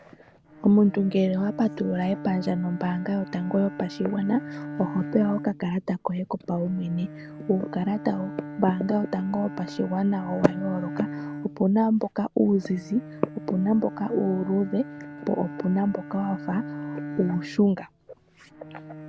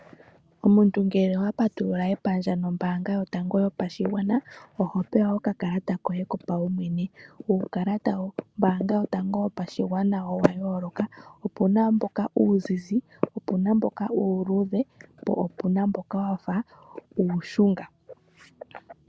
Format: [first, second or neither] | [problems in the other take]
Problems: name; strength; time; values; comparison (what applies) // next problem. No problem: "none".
second | background sound (Bowed string instrument); 12 dB below the speech